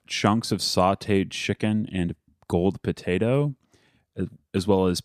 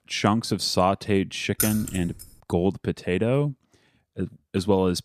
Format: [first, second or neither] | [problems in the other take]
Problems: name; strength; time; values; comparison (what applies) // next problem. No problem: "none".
first | jangling keys; noticeable; at 1.5 s; peak 1 dB below the speech